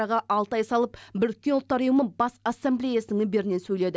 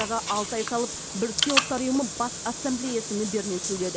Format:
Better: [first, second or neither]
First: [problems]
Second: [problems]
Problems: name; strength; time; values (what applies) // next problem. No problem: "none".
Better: first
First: none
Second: background sound (Bathtub (filling or washing) / Water); 2 dB below the speech